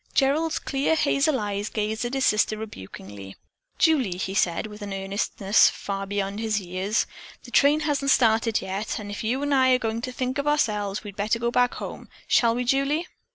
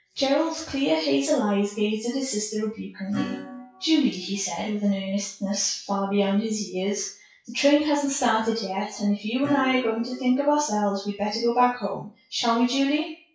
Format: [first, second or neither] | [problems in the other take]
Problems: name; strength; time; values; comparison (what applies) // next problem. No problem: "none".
first | noise reduction (classical method WPE with log-MMSE)